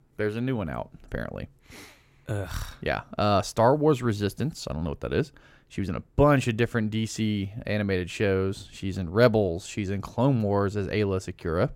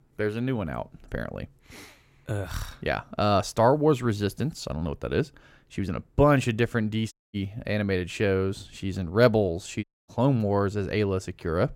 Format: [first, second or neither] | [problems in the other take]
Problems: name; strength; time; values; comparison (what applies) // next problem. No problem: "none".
first | audio cutting out; at 7 s and at 10 s